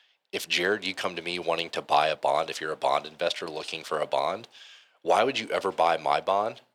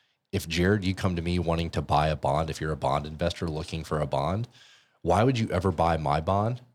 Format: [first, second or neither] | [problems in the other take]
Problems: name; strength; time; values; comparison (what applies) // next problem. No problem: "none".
second | thin; very; fading below 500 Hz